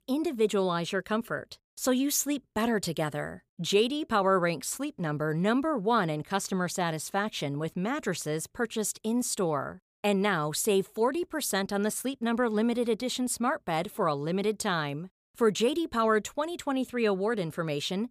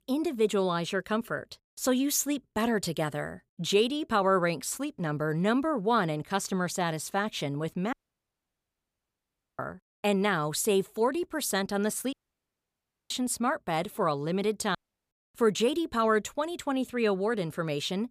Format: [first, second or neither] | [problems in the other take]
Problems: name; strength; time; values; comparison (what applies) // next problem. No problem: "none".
first | audio cutting out; at 8 s for 1.5 s, at 12 s for 1 s and at 15 s